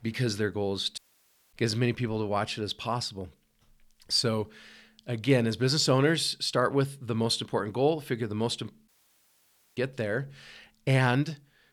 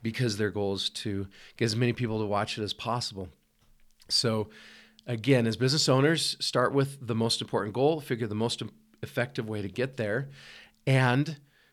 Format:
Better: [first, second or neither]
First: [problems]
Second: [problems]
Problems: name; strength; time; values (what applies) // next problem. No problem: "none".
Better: second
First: audio cutting out; at 1 s for 0.5 s and at 9 s for 1 s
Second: none